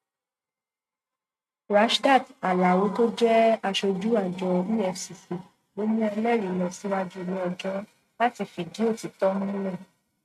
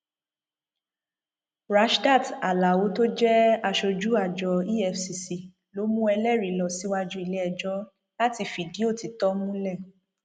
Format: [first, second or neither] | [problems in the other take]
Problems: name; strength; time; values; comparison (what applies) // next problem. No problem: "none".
second | noise reduction (neural mask model RNNoise)